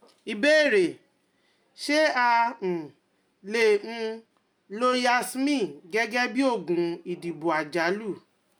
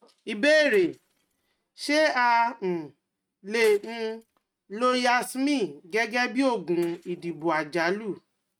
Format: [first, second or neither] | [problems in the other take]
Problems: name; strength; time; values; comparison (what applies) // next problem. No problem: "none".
first | noise reduction (neural mask model RNNoise)